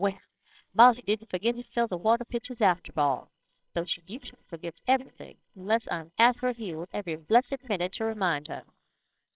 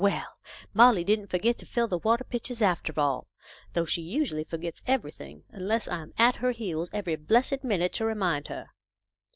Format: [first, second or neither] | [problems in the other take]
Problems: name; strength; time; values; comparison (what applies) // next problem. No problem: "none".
second | noise reduction (neural separator model SepFormer WHAMR!)